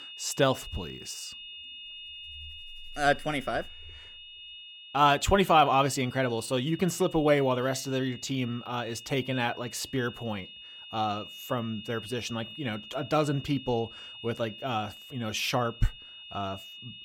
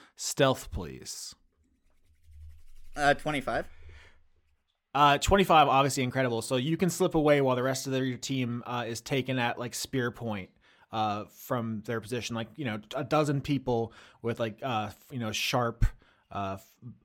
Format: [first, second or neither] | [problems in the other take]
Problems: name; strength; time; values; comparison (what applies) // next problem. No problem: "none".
second | high-pitched whine; noticeable; throughout; 3 kHz, 15 dB below the speech